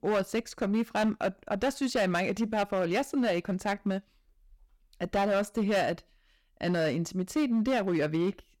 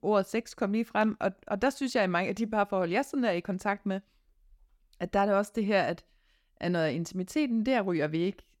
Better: second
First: distortion; slight; 9% of the sound clipped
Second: none

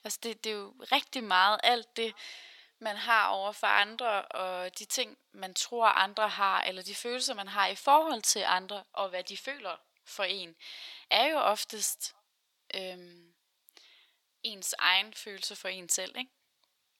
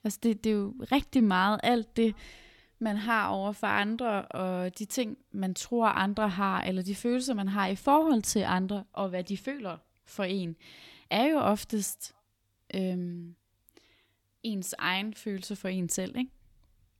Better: second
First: thin; very; fading below 750 Hz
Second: none

